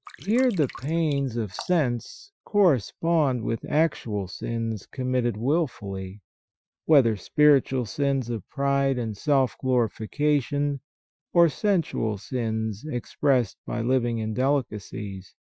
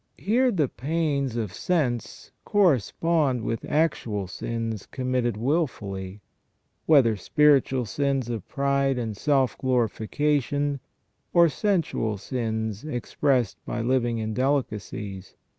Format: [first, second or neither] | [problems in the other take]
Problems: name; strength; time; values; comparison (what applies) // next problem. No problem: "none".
second | noise reduction (classical method Wiener filter)